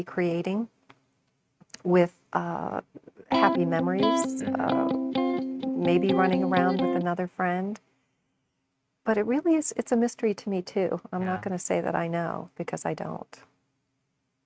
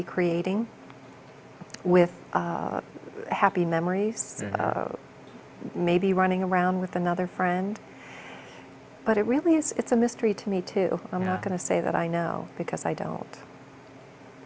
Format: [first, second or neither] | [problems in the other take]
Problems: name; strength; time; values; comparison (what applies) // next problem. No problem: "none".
second | noise reduction (neural mask model RNNoise)